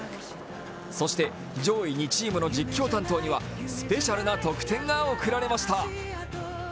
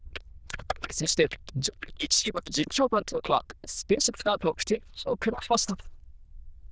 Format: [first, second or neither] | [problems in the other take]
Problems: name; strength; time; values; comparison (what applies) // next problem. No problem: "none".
first | noise reduction (neural diffusion model UNIVERSE++)